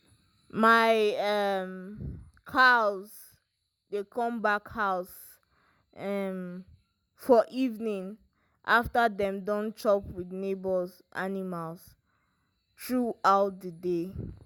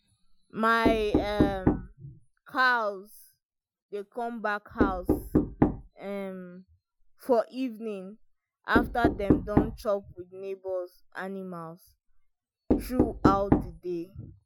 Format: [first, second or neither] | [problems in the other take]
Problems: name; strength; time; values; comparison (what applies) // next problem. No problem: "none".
first | noise reduction (classical method Wiener filter)